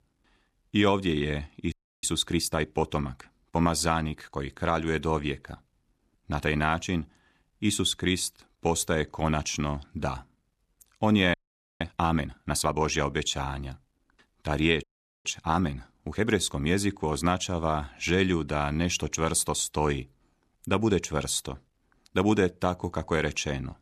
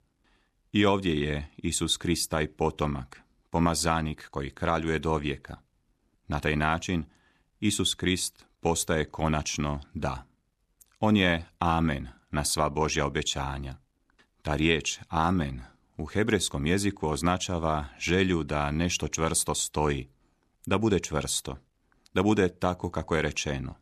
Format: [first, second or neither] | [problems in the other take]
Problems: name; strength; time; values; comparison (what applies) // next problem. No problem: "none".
second | audio freezing; at 1.5 s, at 11 s and at 15 s